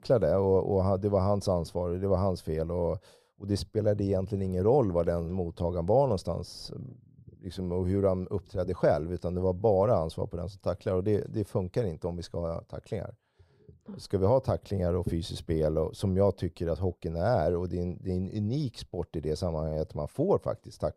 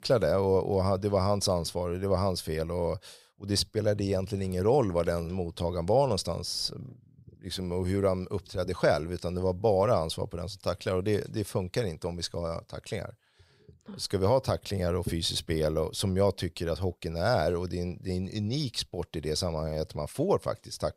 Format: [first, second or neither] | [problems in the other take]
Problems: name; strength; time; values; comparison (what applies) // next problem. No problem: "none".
second | muffled; slightly; fading above 1.5 kHz